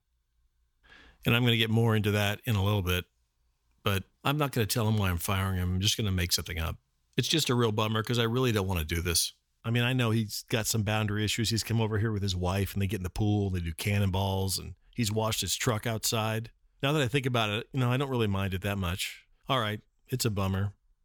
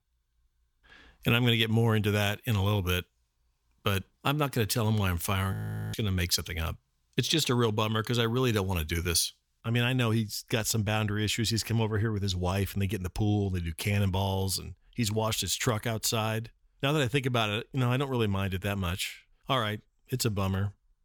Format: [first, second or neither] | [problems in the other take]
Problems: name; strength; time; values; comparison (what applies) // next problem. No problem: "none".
first | audio freezing; at 5.5 s